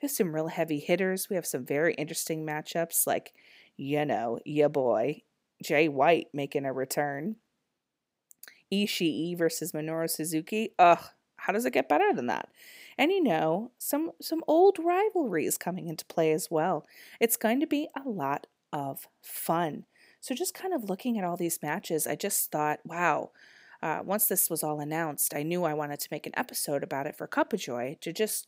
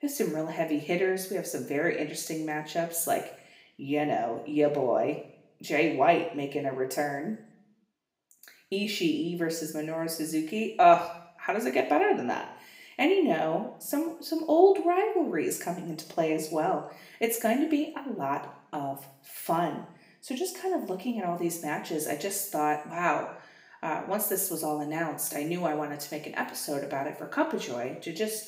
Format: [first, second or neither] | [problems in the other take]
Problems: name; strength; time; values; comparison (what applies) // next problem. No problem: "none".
first | room echo; slight; dies away in 0.7 s // off-mic speech; somewhat distant